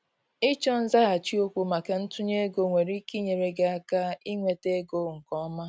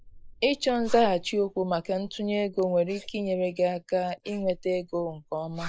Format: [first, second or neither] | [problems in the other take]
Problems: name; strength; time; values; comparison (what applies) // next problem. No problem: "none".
first | noise reduction (neural mask model Resemble Enhance denoiser)